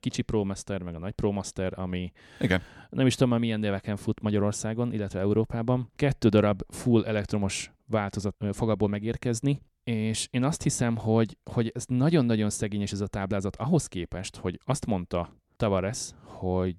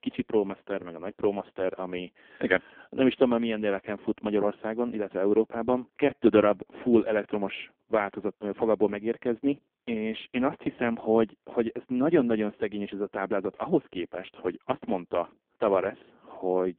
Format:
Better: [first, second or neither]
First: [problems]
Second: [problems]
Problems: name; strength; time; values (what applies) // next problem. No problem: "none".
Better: first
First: none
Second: phone-call audio; poor line